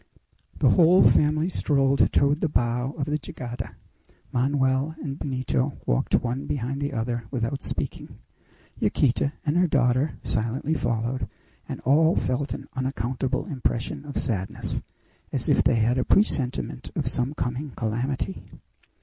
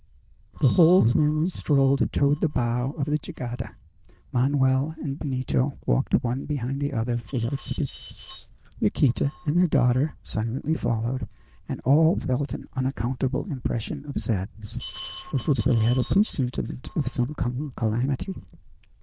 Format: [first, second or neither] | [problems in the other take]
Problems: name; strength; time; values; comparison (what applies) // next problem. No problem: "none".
first | noise reduction (neural diffusion model UNIVERSE++)